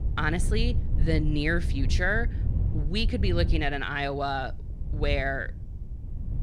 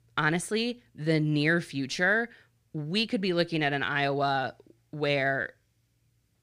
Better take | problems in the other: second | wind noise on the microphone; occasional gusts; 15 dB below the speech

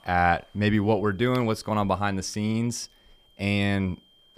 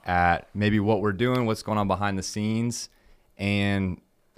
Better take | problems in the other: second | high-pitched whine; faint; throughout; 3 kHz, 35 dB below the speech

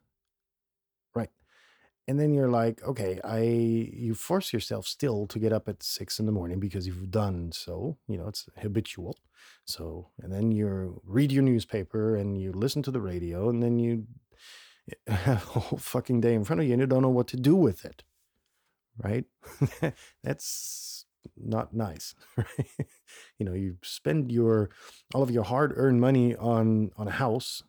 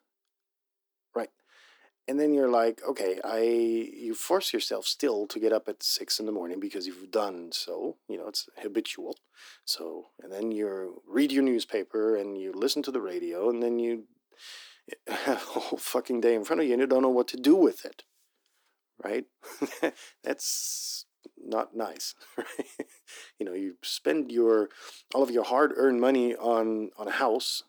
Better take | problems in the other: first | thin; somewhat; fading below 300 Hz

